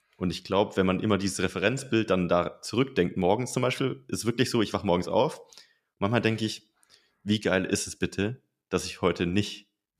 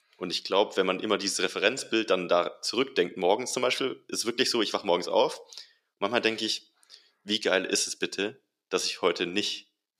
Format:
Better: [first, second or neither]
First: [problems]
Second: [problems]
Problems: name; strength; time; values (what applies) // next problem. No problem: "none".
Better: first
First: none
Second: thin; somewhat; fading below 400 Hz